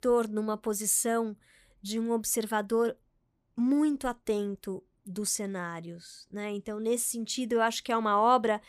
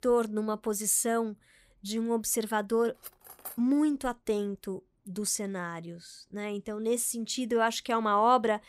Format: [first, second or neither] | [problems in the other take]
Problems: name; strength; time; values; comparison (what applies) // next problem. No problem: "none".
first | clattering dishes; faint; at 3 s; peak 15 dB below the speech